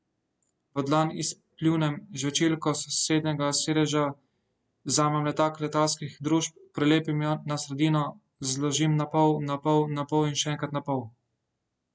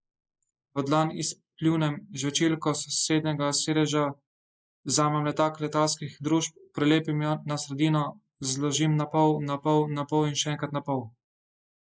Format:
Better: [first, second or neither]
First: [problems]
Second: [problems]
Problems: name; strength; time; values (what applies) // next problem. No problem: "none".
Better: first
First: none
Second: noise reduction (neural mask model Resemble Enhance denoiser)